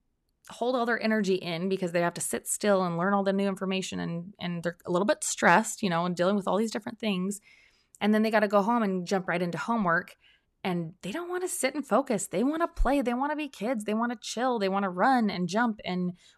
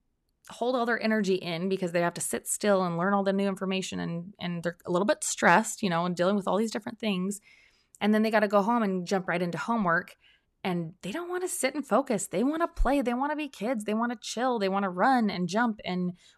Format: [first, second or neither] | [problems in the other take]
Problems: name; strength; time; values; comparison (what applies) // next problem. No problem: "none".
neither | none